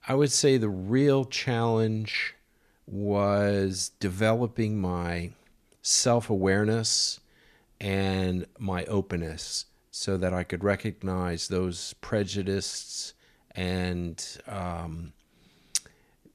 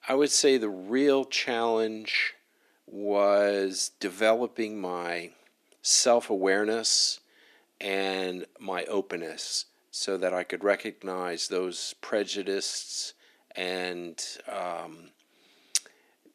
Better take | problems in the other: first | thin; somewhat; fading below 300 Hz

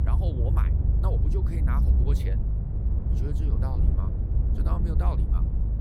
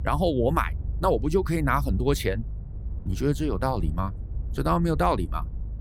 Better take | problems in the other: second | low rumble; loud; throughout; 1 dB below the speech; faint in the second

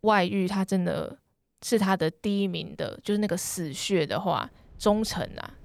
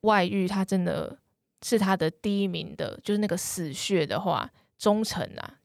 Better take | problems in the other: second | wind in the background; faint; throughout; 30 dB below the speech

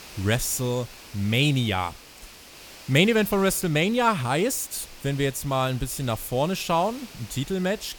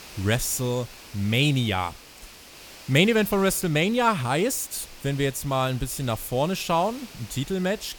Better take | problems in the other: neither | hiss; noticeable; throughout; 20 dB below the speech; the same in both

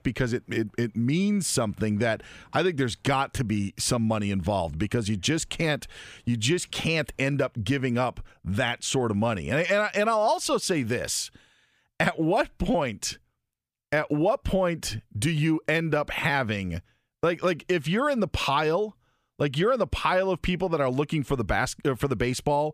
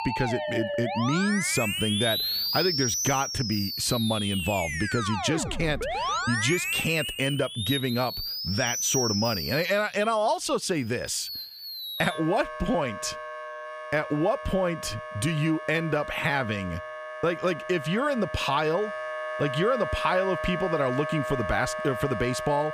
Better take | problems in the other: first | background music; loud; throughout; 3 dB below the speech

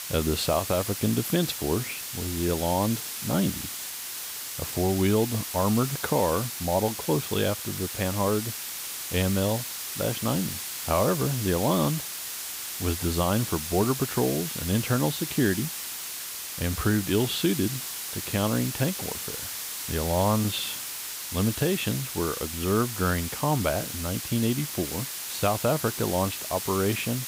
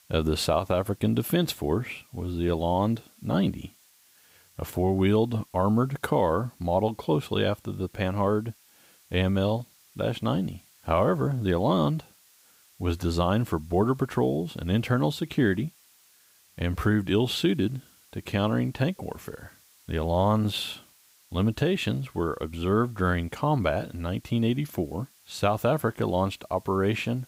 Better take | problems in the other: second | hiss; loud; throughout; 5 dB below the speech; faint in the second

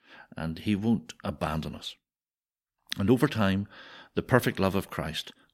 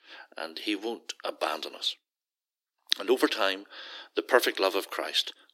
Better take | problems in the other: first | thin; very; fading below 300 Hz

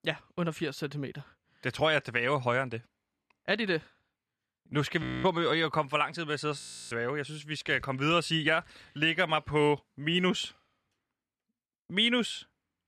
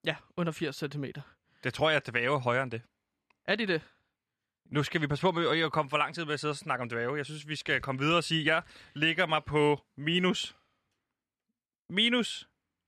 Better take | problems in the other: second | audio freezing; at 5 s and at 6.5 s

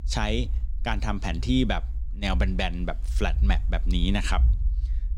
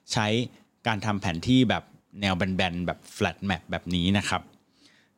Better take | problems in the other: second | low rumble; noticeable; throughout; 20 dB below the speech

